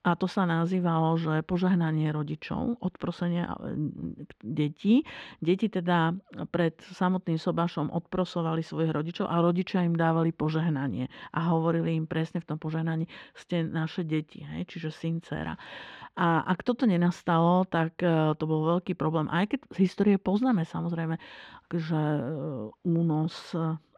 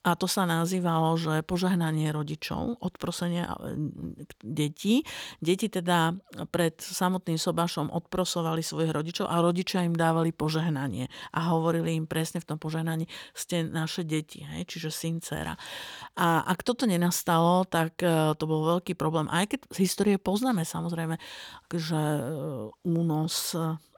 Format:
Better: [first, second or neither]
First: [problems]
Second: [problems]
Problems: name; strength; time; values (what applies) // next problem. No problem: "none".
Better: second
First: muffled; slightly; fading above 2.5 kHz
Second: none